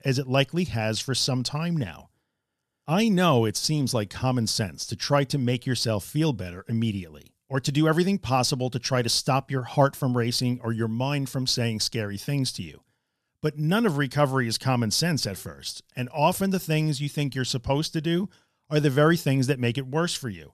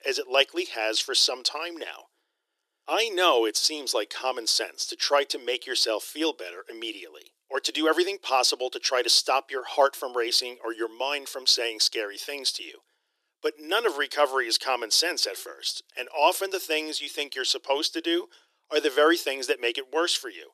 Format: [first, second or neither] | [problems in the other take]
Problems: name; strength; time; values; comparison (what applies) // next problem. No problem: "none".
first | thin; very; fading below 350 Hz